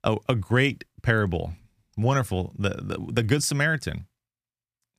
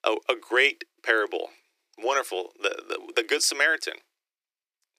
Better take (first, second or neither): first